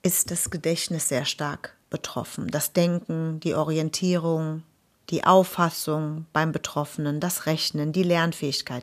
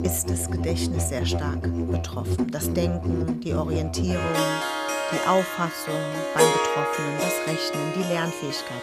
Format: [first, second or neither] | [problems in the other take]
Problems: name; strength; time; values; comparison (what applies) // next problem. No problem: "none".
first | background music; very loud; throughout; 3 dB above the speech